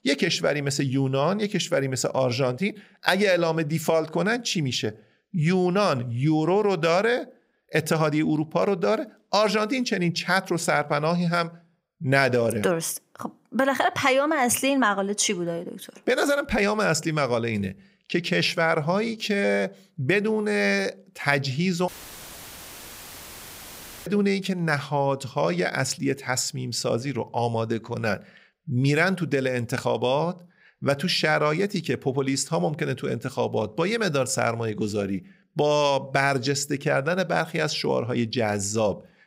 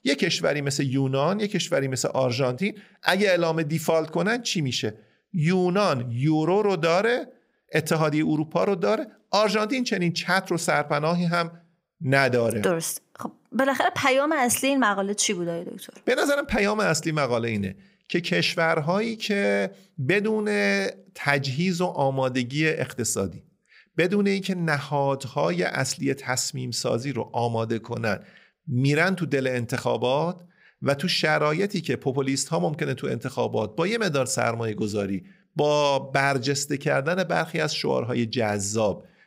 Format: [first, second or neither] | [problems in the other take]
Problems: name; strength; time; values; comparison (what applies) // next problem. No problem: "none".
second | audio cutting out; filled with static; at 22 s for 2 s